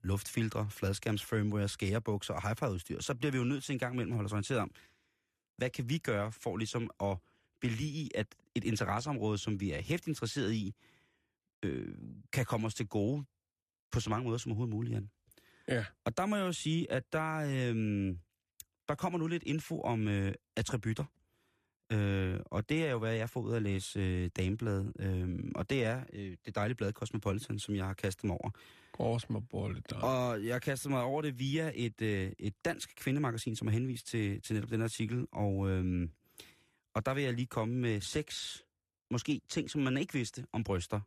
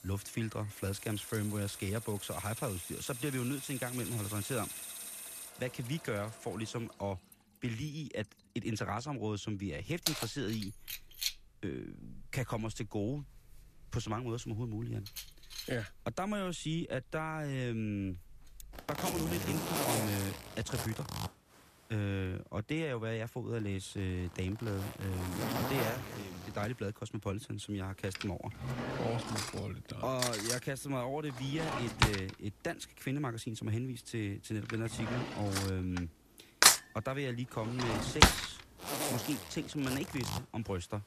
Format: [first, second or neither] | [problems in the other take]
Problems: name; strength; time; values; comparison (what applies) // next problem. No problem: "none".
first | household noises; very loud; throughout; 3 dB above the speech